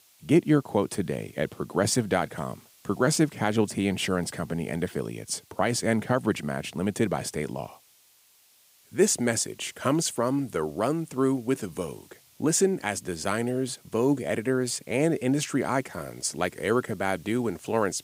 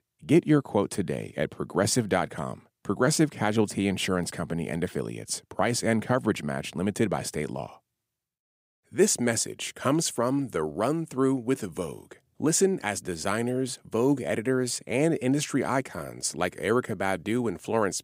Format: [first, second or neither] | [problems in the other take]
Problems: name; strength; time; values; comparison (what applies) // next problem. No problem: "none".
second | hiss; faint; throughout; 30 dB below the speech